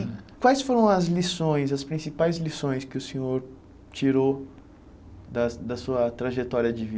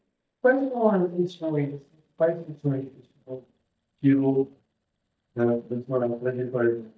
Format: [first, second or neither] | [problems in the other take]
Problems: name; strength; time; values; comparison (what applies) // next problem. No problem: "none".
first | noise reduction (neural mask model DeepFilterNet 3)